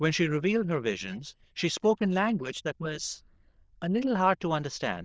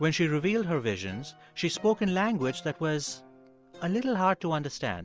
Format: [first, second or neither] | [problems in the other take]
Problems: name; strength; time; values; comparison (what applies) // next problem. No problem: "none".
second | noise reduction (neural diffusion model UNIVERSE++)